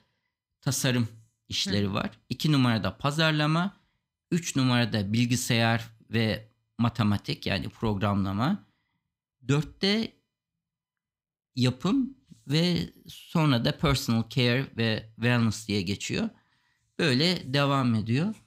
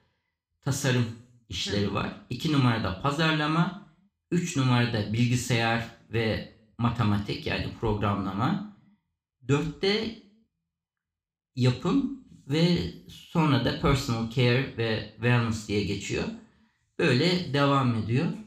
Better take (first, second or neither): first